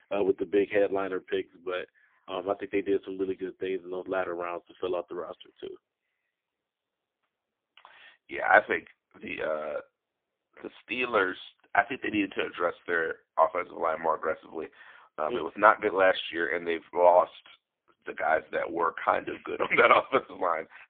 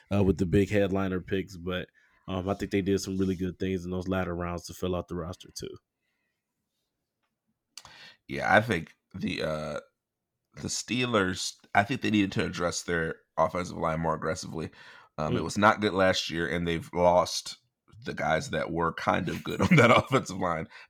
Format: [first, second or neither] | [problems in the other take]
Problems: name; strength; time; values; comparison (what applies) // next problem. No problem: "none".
second | phone-call audio; poor line